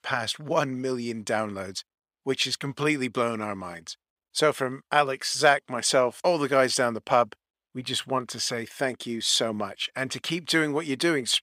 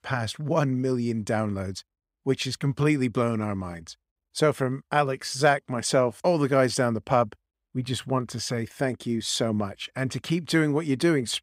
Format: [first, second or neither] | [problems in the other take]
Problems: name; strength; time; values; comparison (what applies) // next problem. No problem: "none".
second | thin; very slightly; fading below 1 kHz